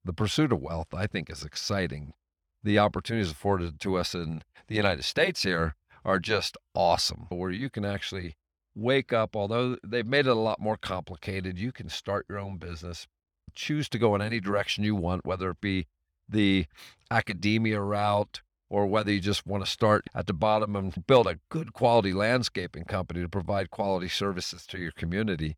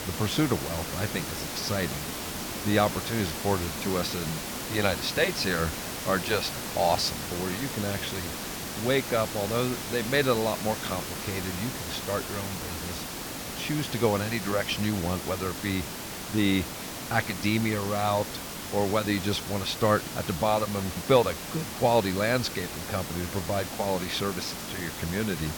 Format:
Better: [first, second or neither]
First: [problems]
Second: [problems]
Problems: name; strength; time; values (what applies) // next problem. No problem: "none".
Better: first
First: none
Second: hiss; loud; throughout; 5 dB below the speech